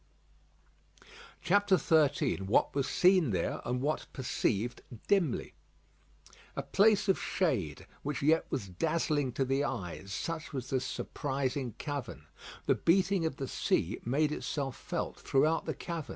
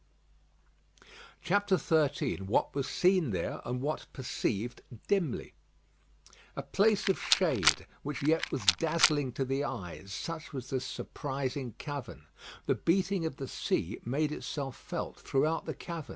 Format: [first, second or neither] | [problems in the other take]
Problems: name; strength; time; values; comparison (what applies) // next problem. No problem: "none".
first | background sound (Rattle); as loud as the speech